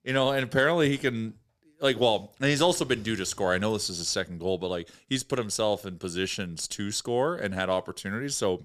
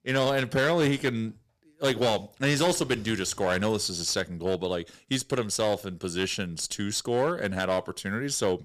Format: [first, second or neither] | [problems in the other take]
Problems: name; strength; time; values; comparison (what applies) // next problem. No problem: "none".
first | distortion; slight; 6% of the sound clipped